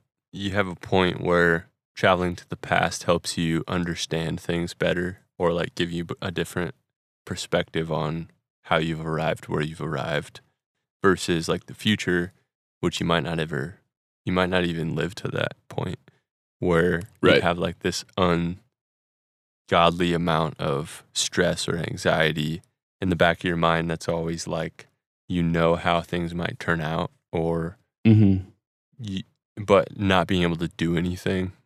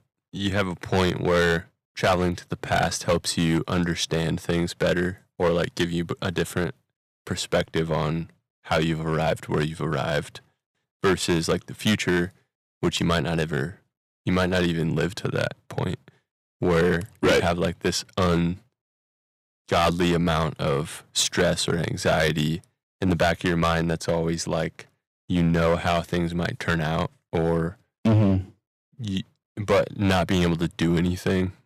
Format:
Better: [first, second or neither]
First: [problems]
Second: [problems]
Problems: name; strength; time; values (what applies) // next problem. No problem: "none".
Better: first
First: none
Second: distortion; heavy; 5% of the sound clipped